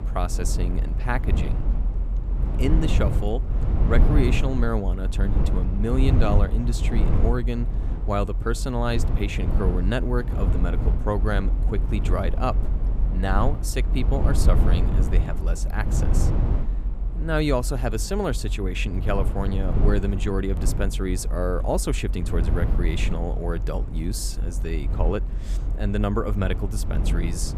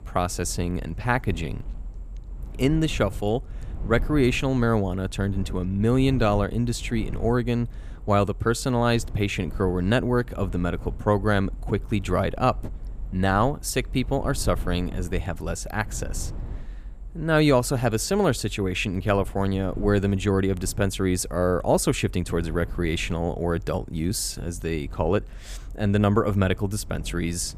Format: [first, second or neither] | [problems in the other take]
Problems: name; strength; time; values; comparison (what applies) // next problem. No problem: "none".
second | low rumble; loud; throughout; 8 dB below the speech; faint in the second